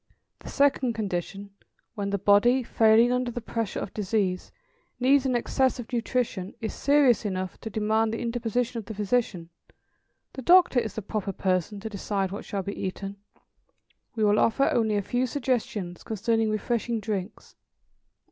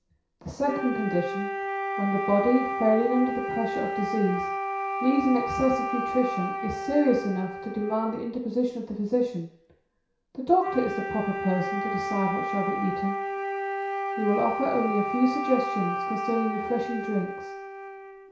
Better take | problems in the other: first | background sound (Wind instrument, woodwind instrument); 4 dB below the speech // room echo; dies away in 0.6 s

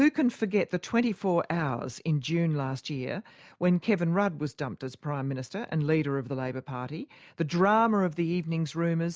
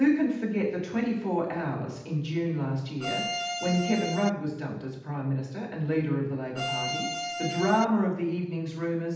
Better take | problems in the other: first | background sound (Bowed string instrument); 4 dB below the speech // room echo; dies away in 0.8 s

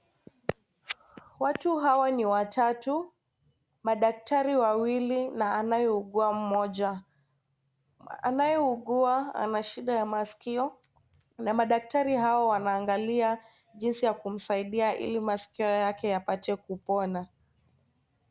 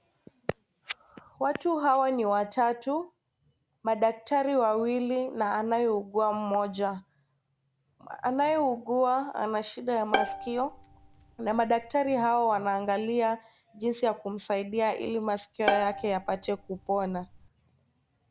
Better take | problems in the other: first | background sound (Bowed string instrument); 6 dB below the speech

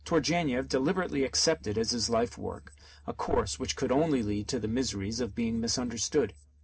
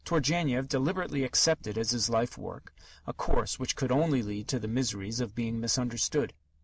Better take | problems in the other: second | room echo; dies away in 0.3 s

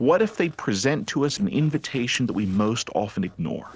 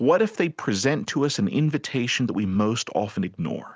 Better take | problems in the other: second | noise reduction (neural separator model SepFormer DNS4)

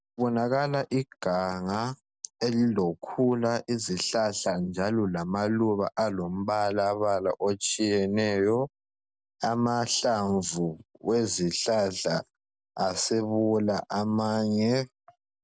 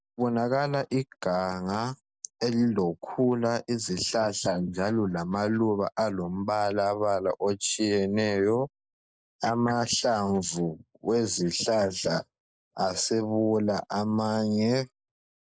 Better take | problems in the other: first | noise reduction (neural mask model Resemble Enhance denoiser)

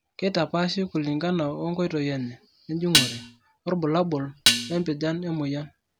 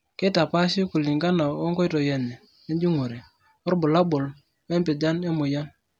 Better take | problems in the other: second | background sound (Dishes, pots, and pans); 3 dB above the speech

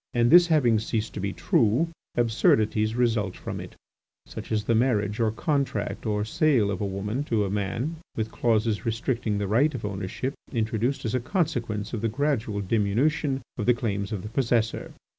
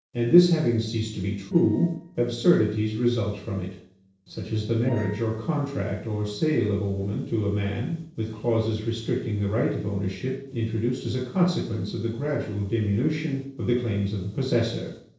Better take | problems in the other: first | noise reduction (neural separator model SepFormer DNS4)

